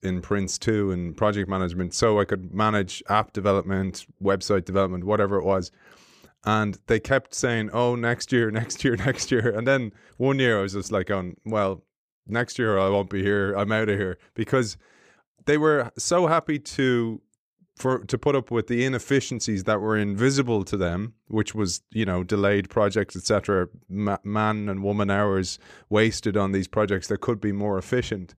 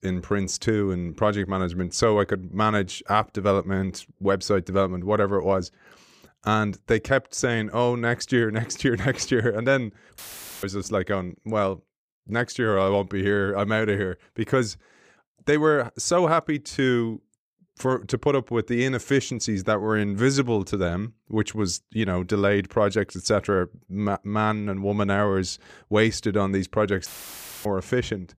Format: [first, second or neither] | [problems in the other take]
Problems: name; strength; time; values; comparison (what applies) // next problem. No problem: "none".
first | audio cutting out; filled with static; at 10 s and at 27 s for 0.5 s